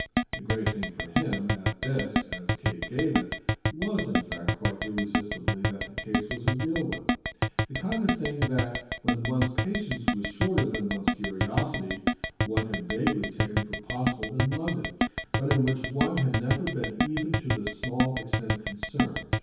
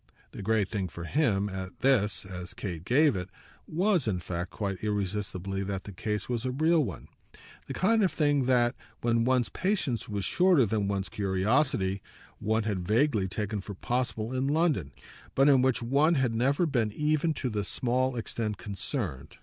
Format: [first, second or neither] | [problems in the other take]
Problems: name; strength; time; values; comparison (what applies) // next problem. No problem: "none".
second | background sound (Keyboard (musical)); 2 dB above the speech // room echo; dies away in 2.2 s